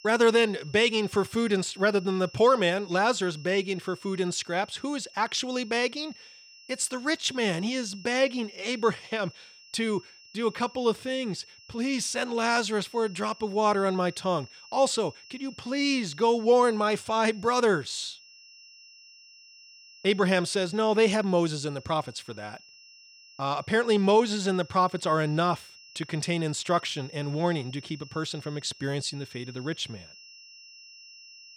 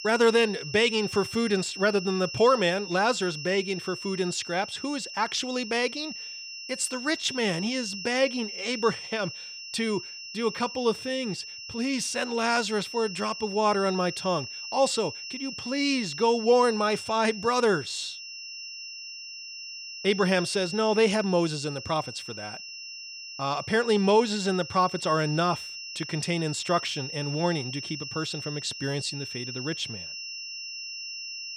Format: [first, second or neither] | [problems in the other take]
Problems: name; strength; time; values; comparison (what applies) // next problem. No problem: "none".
first | high-pitched whine; loud; throughout; 5.5 kHz, 9 dB below the speech; faint in the first